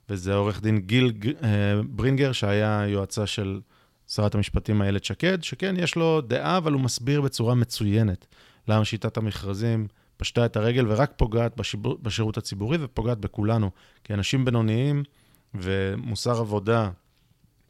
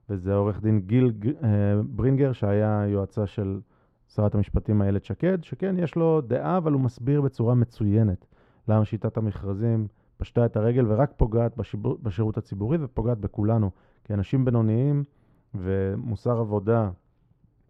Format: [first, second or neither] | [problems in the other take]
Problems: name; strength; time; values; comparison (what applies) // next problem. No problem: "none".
first | muffled; very; fading above 2 kHz